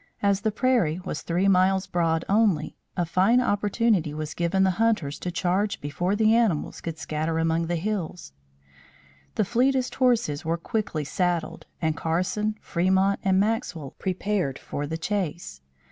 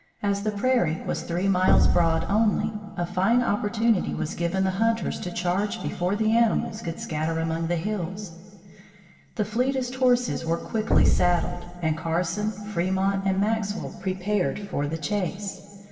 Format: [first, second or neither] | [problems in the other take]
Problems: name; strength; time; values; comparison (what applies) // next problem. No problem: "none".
first | background sound (Explosion); 4 dB above the speech // room echo; dies away in 2.5 s